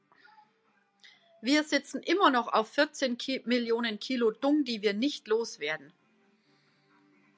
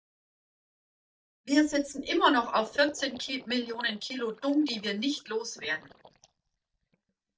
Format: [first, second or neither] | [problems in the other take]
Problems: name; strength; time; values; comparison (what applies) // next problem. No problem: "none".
first | noise reduction (neural mask model DeepFilterNet 3)